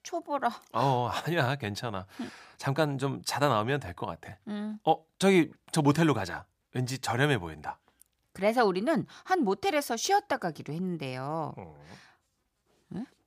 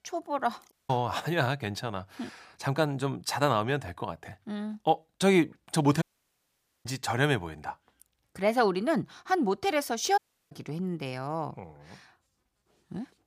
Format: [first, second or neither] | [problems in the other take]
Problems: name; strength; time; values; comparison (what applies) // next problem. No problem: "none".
first | audio cutting out; at 0.5 s, at 6 s for 1 s and at 10 s